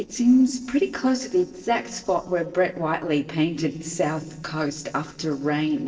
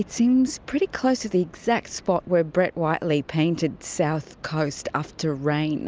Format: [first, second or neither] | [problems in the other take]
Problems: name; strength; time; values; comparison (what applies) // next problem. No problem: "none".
second | noise reduction (neural separator model SepFormer DNS4)